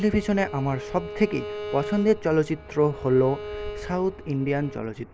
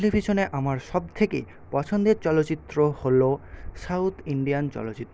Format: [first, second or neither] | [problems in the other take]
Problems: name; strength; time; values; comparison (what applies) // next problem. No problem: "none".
second | background sound (Bowed string instrument); 12 dB below the speech